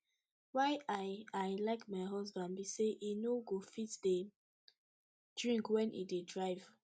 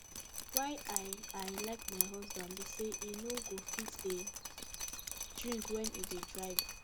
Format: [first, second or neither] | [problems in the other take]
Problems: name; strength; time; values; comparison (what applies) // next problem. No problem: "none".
first | background sound (Drip); 2 dB above the speech